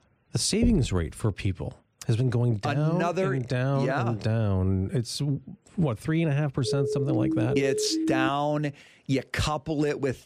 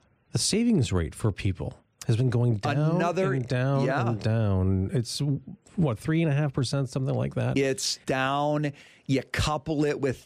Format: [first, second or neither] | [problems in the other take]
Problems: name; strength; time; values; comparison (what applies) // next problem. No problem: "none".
second | door banging; noticeable; at 0.5 s; peak 4 dB below the speech // siren; noticeable; from 6.5 to 8.5 s; peak level with the speech